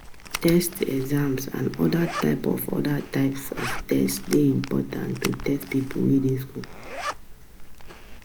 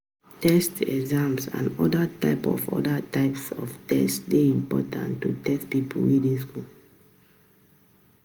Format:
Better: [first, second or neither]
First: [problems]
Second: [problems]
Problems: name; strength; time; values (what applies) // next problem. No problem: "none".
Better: second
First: background sound (Zipper (clothing)); 10 dB below the speech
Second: none